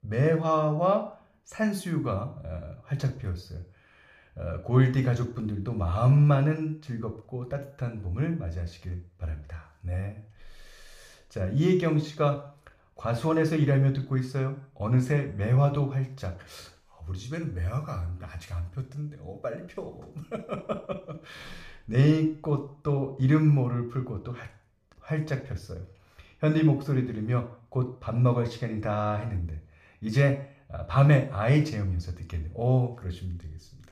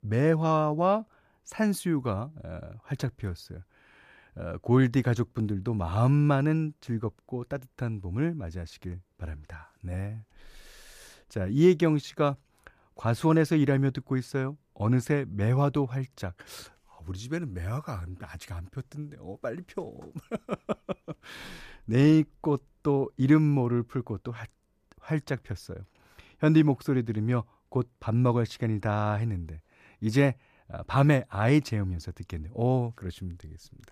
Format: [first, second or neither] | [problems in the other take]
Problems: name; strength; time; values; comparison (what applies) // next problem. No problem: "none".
second | room echo; slight; dies away in 0.4 s // off-mic speech; somewhat distant